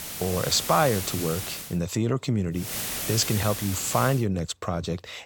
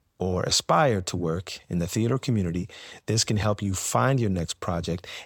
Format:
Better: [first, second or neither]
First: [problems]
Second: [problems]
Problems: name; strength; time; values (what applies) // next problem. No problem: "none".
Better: second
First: hiss; loud; until 1.5 s and from 2.5 to 4 s; 5 dB below the speech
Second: none